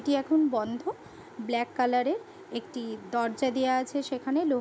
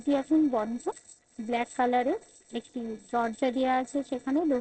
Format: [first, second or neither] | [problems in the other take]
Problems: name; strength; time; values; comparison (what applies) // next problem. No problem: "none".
first | noise reduction (neural separator model SepFormer DNS4)